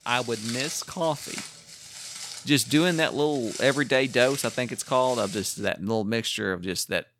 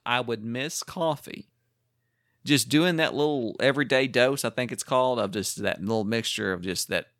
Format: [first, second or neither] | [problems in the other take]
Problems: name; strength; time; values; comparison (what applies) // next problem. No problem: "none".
second | footsteps; noticeable; until 5.5 s; peak 6 dB below the speech